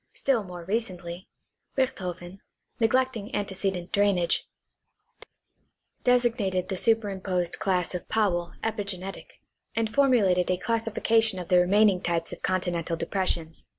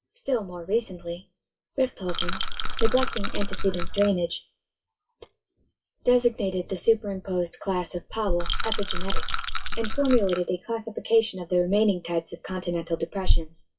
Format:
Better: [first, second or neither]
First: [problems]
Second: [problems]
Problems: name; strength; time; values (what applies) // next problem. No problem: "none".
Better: first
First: none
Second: noise reduction (classical method WPE with log-MMSE)